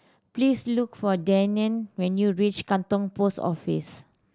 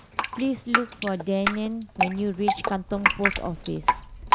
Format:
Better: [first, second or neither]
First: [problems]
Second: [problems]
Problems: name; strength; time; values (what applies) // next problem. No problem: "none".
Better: first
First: none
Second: background sound (Drip); 2 dB above the speech